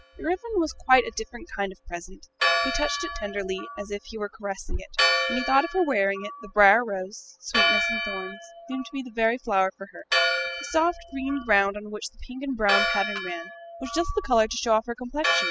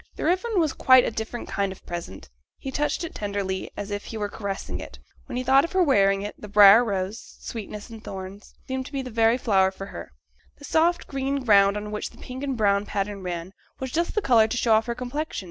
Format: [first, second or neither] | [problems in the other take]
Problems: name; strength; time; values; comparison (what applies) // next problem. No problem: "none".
second | noise reduction (classical method spectral subtraction)